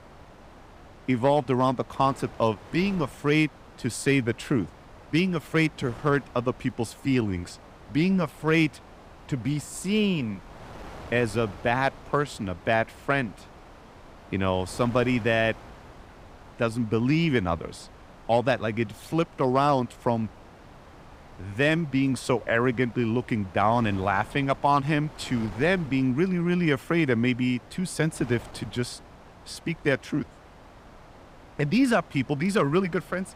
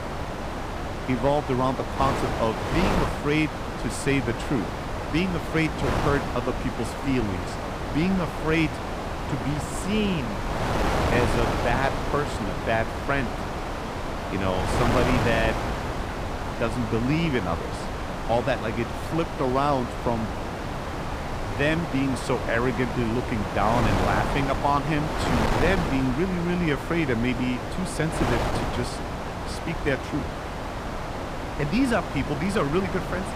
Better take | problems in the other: first | wind noise on the microphone; heavy; 2 dB below the speech; occasional gusts in the first

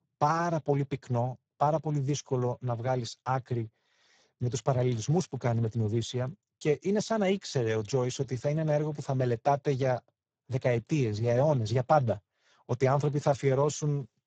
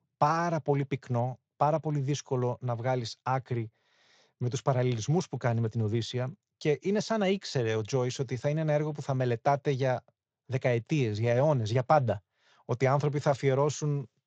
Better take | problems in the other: second | garbled, watery; badly; nothing above 7.5 kHz; slightly in the second

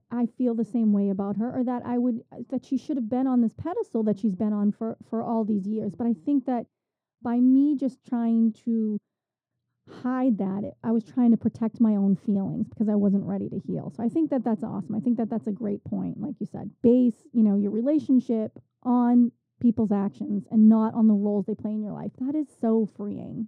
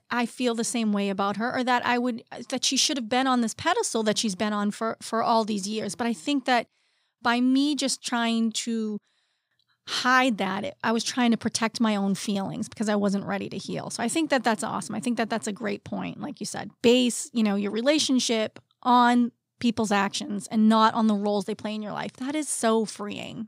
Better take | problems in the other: second | muffled; very; fading above 1 kHz

